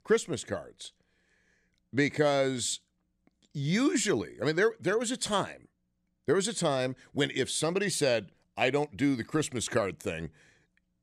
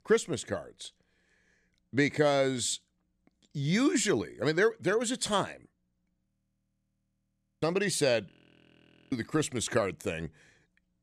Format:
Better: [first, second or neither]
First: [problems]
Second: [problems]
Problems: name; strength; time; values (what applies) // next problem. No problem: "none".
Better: first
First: none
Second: audio freezing; at 6.5 s for 1.5 s and at 8.5 s for 1 s